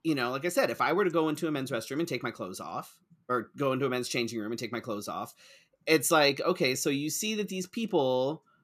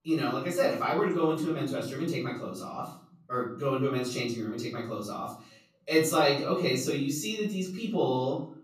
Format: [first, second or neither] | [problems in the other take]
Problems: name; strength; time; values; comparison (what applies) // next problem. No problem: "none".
first | off-mic speech; far // room echo; noticeable; dies away in 0.5 s